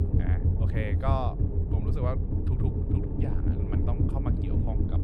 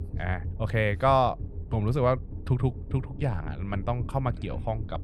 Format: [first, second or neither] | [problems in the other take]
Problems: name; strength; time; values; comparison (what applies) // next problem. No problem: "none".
second | low rumble; loud; throughout; 1 dB below the speech; faint in the second